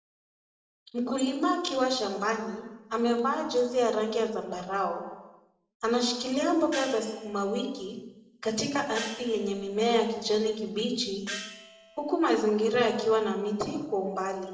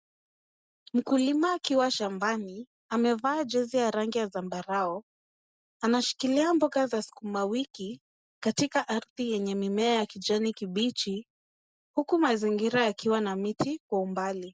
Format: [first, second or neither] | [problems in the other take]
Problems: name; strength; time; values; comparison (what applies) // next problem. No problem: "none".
second | noise reduction (neural separator model SepFormer DNS4)